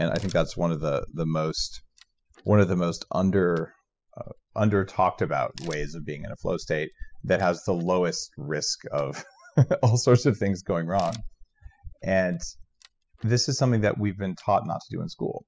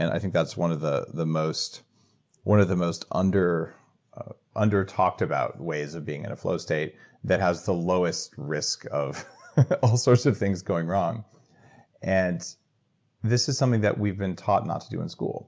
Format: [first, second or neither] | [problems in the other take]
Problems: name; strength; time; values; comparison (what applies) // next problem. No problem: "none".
second | noise reduction (classical method spectral subtraction)